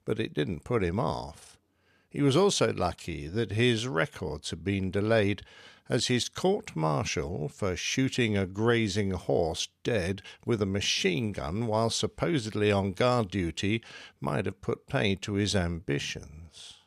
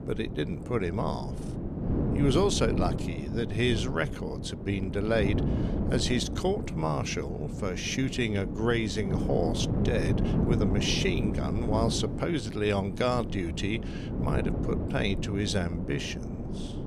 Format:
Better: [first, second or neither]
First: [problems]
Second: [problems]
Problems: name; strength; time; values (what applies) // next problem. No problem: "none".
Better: first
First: none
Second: wind noise on the microphone; heavy; 7 dB below the speech